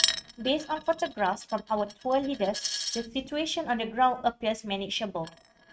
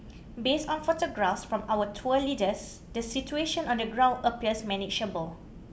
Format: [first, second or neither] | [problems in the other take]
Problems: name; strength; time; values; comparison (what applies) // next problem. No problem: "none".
second | noise reduction (neural mask model RNNoise)